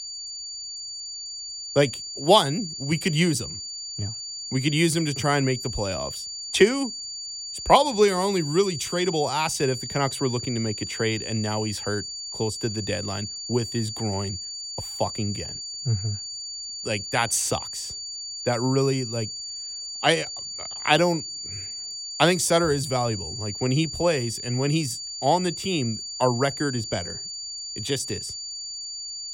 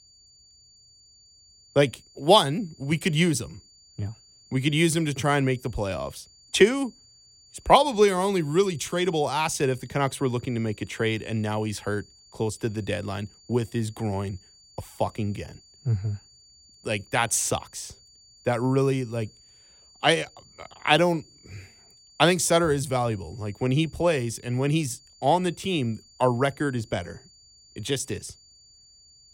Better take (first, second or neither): second